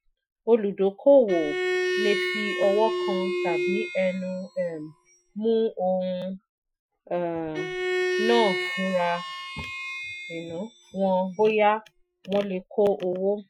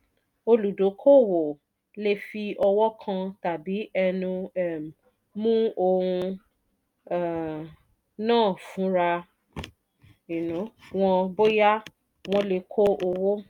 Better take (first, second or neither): second